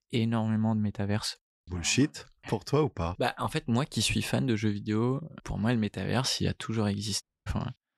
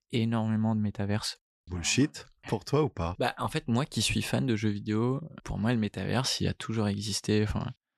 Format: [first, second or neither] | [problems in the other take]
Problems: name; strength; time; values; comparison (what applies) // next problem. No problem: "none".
second | audio cutting out; at 7 s